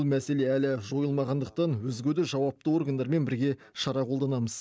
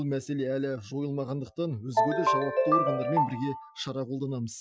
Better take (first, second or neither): first